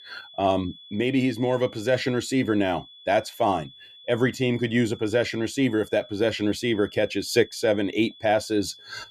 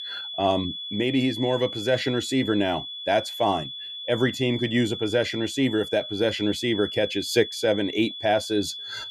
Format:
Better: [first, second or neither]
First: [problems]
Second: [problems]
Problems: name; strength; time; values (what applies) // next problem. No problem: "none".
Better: first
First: high-pitched whine; faint; throughout; 3.5 kHz, 20 dB below the speech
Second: high-pitched whine; loud; throughout; 3.5 kHz, 8 dB below the speech